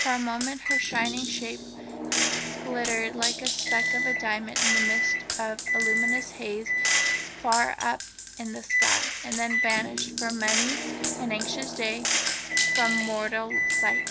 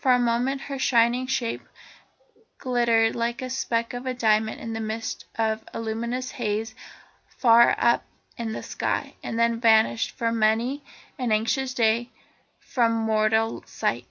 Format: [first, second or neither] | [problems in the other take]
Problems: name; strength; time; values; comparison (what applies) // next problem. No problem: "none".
second | background sound (Microwave oven + Gunshot, gunfire); 3 dB above the speech